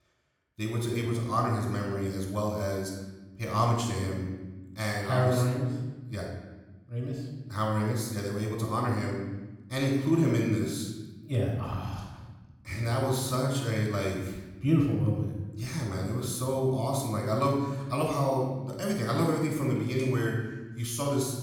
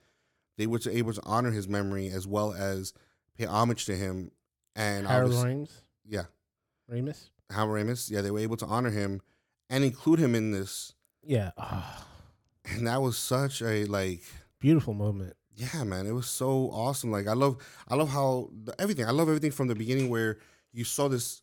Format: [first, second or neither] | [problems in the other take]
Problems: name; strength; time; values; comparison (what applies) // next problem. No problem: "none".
second | off-mic speech; somewhat distant // room echo; noticeable; dies away in 1 s